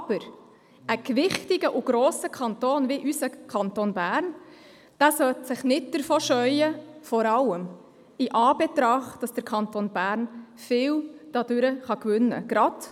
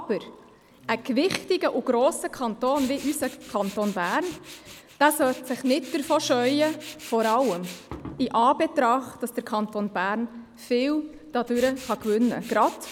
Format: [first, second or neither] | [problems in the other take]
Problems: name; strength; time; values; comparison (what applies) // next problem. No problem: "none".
first | background sound (Tools); 20 dB below the speech